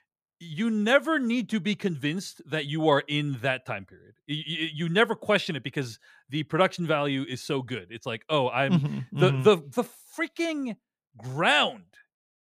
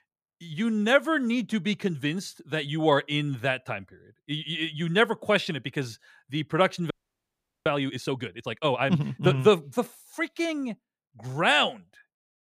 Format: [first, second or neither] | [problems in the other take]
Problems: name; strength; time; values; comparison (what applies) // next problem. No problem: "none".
first | audio freezing; at 7 s for 1 s